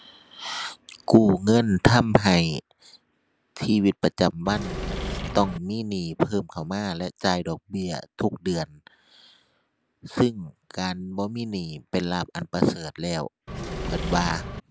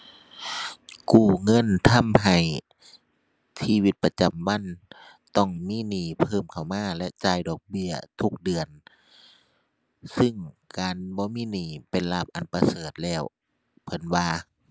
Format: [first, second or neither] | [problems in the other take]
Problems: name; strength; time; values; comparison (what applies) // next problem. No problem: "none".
second | background sound (Engine / Mechanisms); 6 dB below the speech